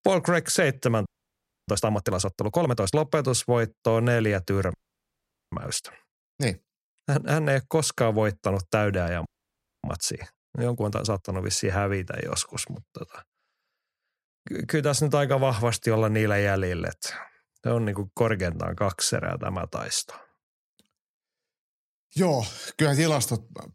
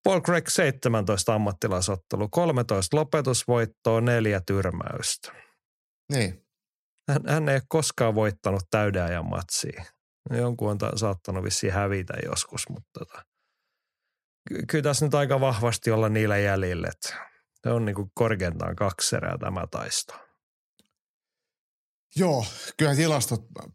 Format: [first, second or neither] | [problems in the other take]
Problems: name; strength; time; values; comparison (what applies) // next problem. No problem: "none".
second | audio freezing; at 1 s for 0.5 s, at 4.5 s for 1 s and at 9.5 s for 0.5 s